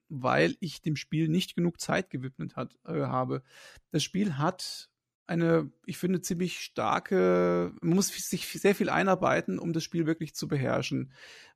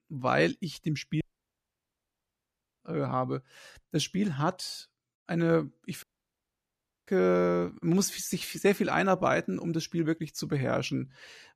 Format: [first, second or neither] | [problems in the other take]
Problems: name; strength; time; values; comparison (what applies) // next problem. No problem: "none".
first | audio cutting out; at 1 s for 1.5 s and at 6 s for 1 s